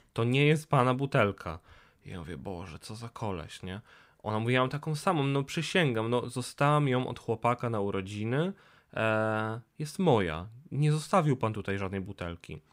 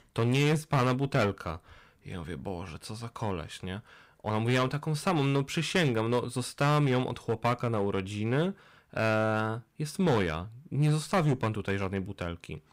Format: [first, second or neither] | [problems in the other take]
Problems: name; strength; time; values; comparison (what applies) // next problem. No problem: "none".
first | distortion; slight; 7% of the sound clipped